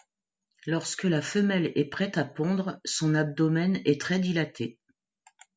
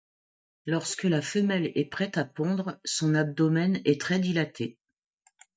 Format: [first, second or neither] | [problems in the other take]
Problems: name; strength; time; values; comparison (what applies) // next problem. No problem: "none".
first | noise reduction (neural mask model DeepFilterNet 3)